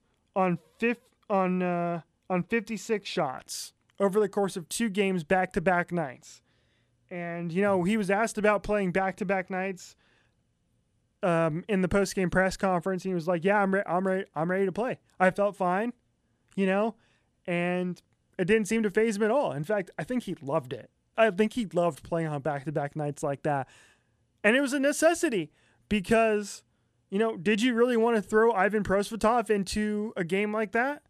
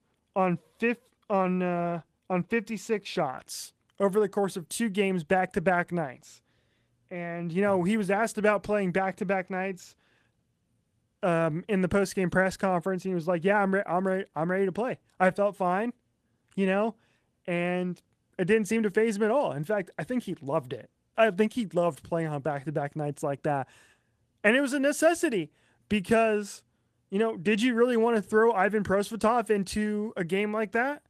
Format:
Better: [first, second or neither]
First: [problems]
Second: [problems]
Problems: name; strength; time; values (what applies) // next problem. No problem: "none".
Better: first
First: none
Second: garbled, watery; slightly; nothing above 14.5 kHz